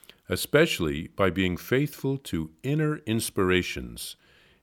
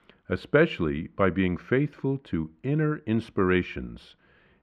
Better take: first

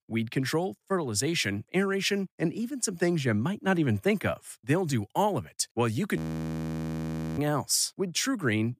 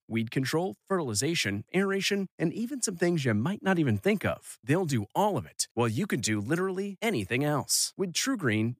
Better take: second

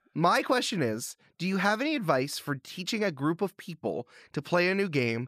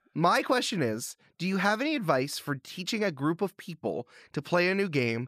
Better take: neither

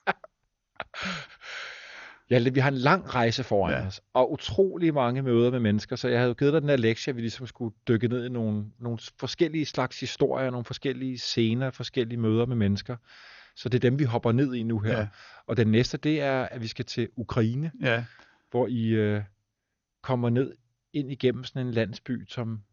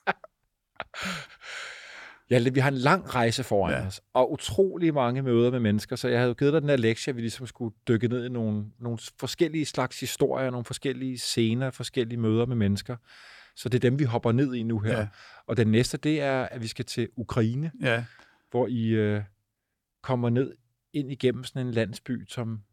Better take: second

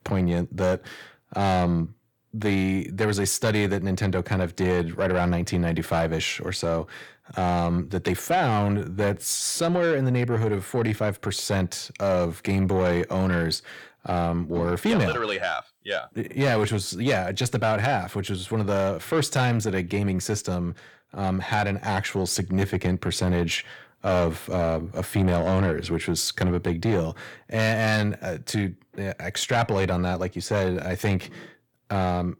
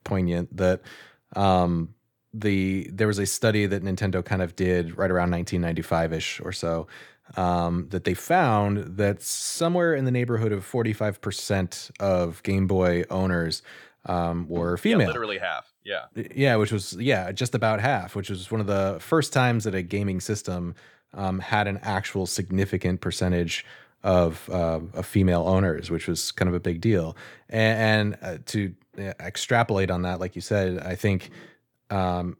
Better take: second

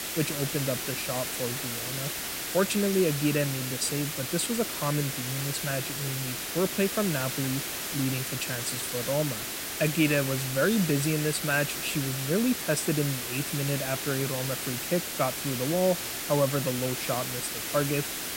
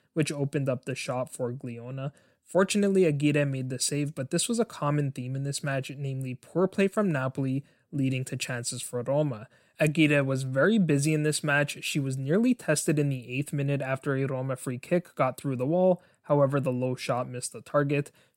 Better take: second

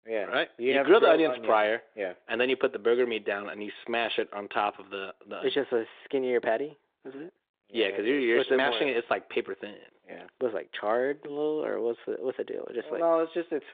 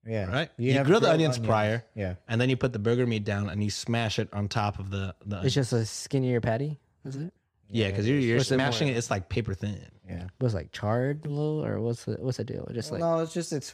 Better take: second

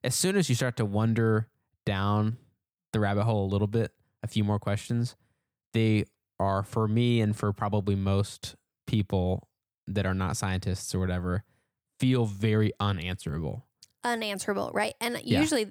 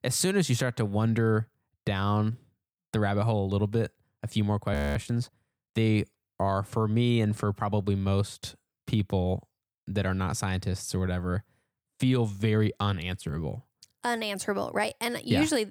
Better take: first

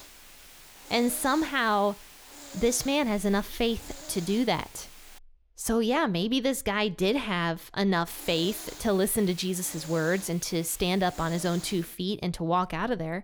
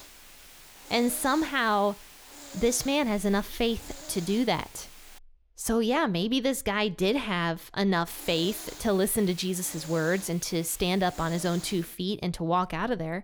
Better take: neither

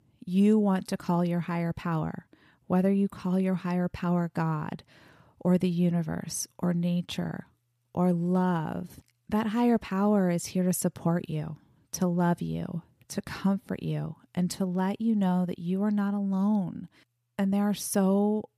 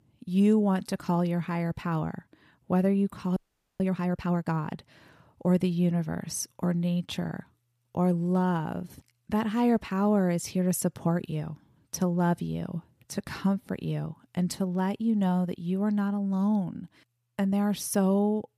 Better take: first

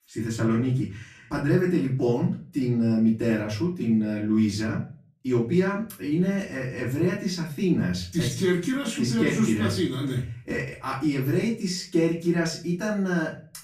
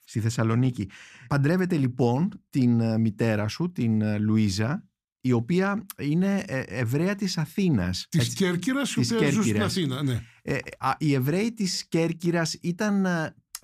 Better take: second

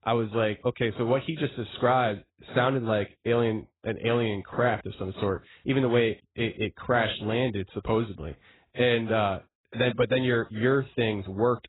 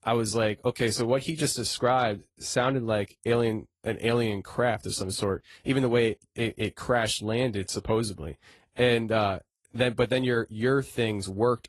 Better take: second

